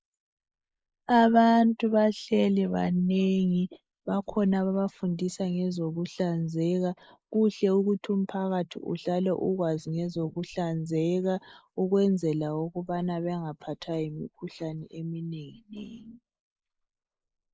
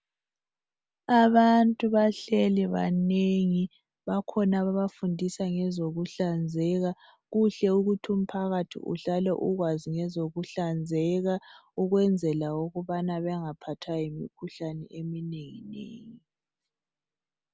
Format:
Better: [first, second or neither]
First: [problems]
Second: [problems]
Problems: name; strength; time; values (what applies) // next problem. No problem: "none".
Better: second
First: noise reduction (neural mask model Resemble Enhance denoiser)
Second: none